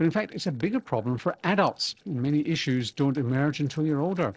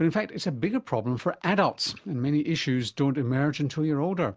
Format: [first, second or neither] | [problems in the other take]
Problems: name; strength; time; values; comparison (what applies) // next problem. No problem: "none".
second | noise reduction (neural separator model SepFormer DNS4)